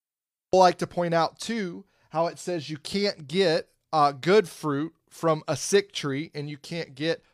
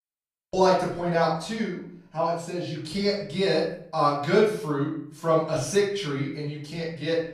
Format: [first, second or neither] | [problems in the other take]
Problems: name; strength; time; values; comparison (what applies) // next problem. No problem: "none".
first | off-mic speech; far // room echo; noticeable; dies away in 0.5 s